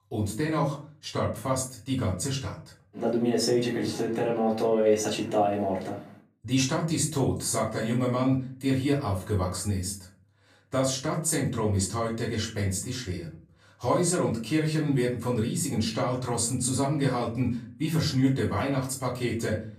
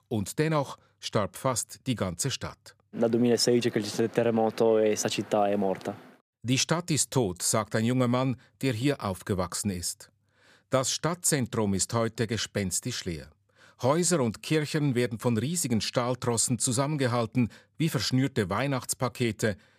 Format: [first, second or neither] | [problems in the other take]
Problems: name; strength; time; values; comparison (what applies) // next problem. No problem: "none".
second | off-mic speech; far // room echo; slight; dies away in 0.4 s